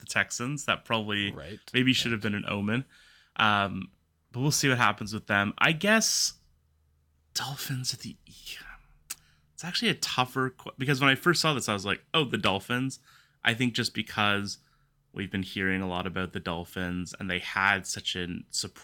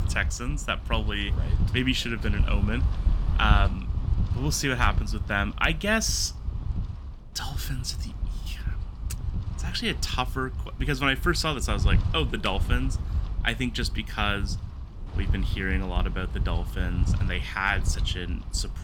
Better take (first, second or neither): first